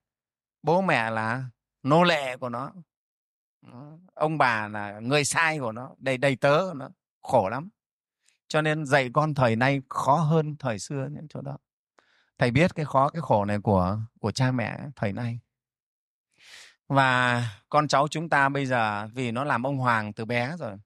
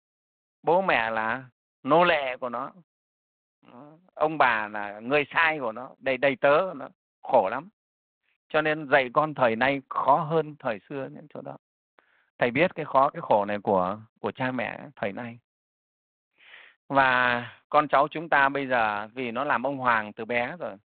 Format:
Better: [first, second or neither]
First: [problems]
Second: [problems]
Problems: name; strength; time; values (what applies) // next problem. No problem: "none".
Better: first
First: none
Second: phone-call audio; nothing above 4 kHz